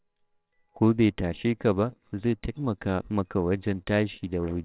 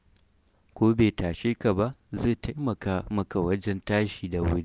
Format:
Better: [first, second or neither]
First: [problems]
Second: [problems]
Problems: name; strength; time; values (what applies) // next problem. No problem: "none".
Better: second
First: noise reduction (neural separator model SepFormer WHAMR!)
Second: none